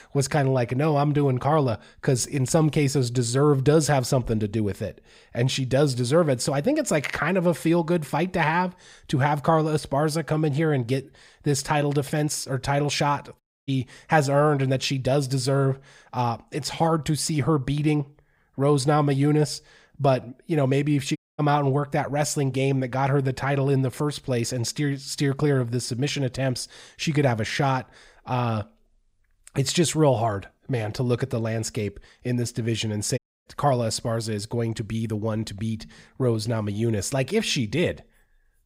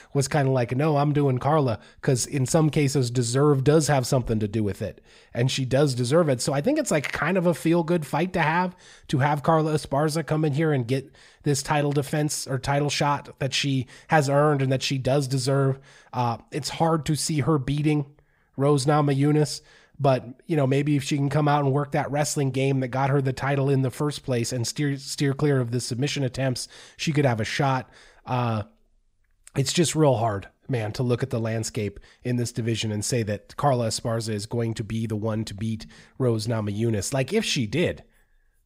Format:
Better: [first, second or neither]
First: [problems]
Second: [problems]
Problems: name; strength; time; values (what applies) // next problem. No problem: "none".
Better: second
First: audio cutting out; at 13 s, at 21 s and at 33 s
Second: none